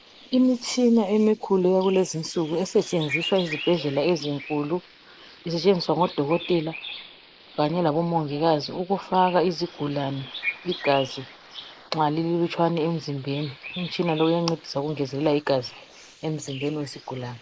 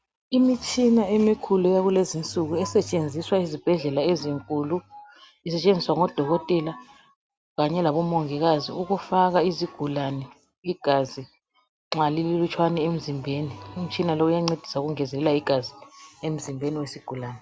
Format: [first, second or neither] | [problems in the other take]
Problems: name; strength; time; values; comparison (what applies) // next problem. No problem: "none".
second | noise reduction (neural mask model Resemble Enhance denoiser)